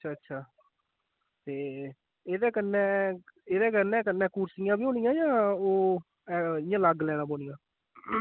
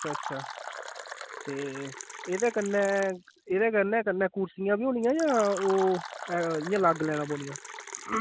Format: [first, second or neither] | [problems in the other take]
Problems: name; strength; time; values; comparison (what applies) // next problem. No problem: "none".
first | background sound (Fill (with liquid)); 12 dB below the speech